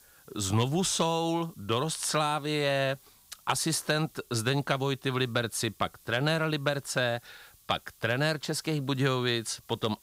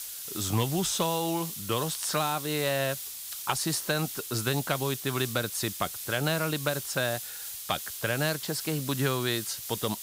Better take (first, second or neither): first